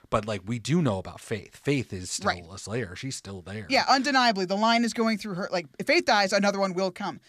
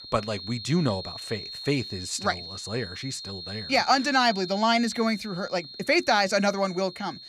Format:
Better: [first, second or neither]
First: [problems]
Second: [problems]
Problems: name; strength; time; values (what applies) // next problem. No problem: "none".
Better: first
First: none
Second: high-pitched whine; noticeable; throughout; 4 kHz, 10 dB below the speech